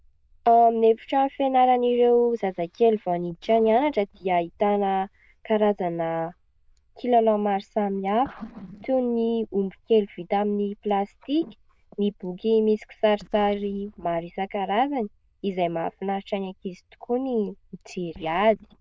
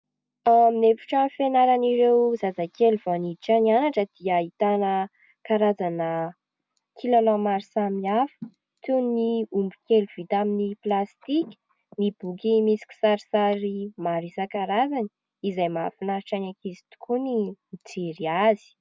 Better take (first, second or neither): second